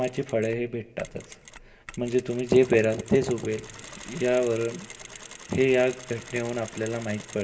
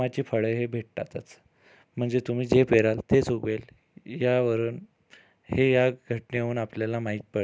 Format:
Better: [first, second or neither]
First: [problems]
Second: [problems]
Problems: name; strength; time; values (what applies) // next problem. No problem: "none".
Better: second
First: background sound (Mechanisms); 18 dB below the speech // room echo; dies away in 1.4 s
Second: none